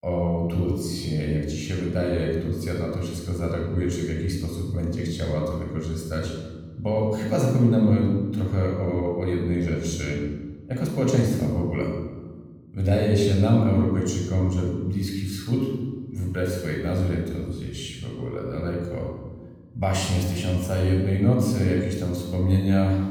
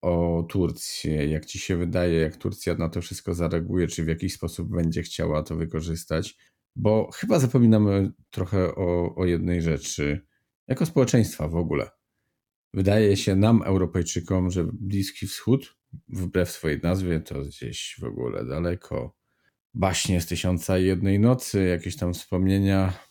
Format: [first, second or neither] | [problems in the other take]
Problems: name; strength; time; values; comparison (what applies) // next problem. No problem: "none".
second | off-mic speech; somewhat distant // room echo; noticeable; dies away in 1.2 s